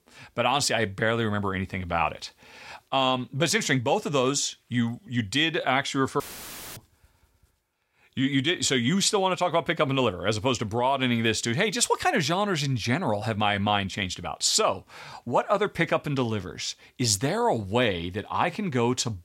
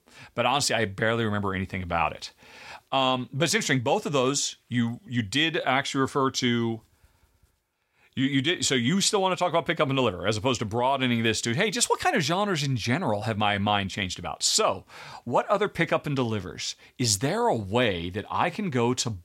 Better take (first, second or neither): second